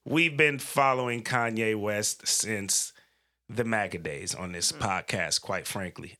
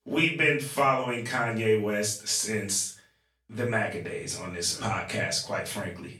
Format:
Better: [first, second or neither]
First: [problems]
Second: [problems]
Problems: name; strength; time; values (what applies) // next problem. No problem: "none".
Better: first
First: none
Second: off-mic speech; far // room echo; slight; dies away in 0.3 s